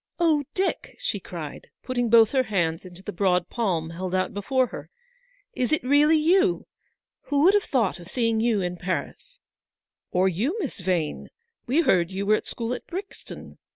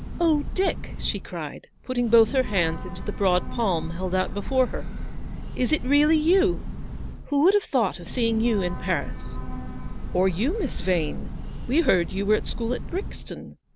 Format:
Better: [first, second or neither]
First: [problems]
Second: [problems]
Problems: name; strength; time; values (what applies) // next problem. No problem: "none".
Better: first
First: none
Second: background sound (Train / Breathing); 6 dB below the speech